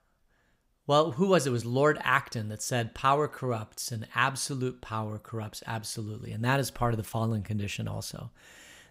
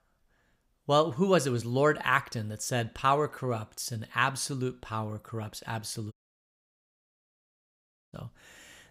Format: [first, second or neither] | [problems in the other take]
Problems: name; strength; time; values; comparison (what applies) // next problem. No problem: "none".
first | audio cutting out; at 6 s for 2 s